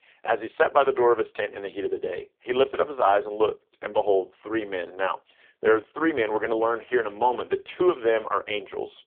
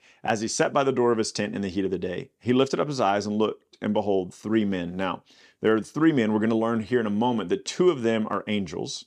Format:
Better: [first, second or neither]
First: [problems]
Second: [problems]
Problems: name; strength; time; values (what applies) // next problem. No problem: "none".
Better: second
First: phone-call audio; poor line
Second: none